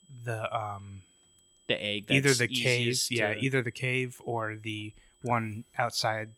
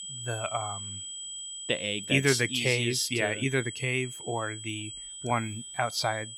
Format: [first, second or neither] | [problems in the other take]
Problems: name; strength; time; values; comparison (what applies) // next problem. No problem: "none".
first | high-pitched whine; loud; throughout; 8 kHz, 9 dB below the speech; faint in the first